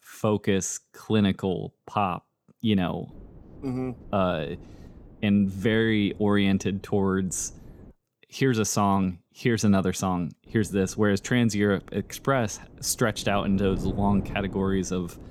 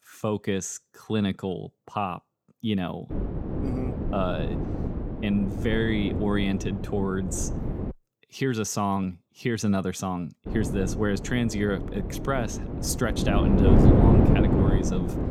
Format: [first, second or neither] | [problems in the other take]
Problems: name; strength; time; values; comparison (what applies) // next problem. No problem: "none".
first | wind noise on the microphone; heavy; from 3 to 8 s and from 10 s on; 1 dB below the speech; occasional gusts in the first